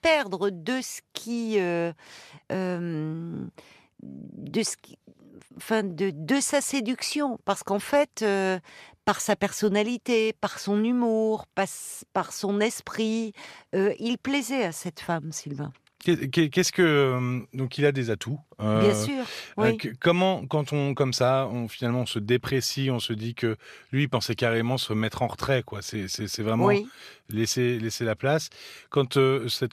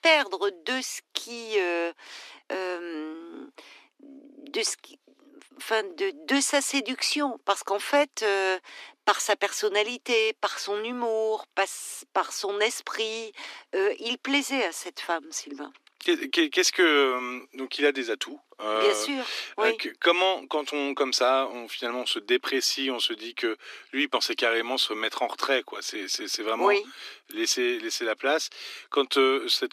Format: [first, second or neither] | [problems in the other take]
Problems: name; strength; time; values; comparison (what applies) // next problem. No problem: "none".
first | thin; somewhat; fading below 250 Hz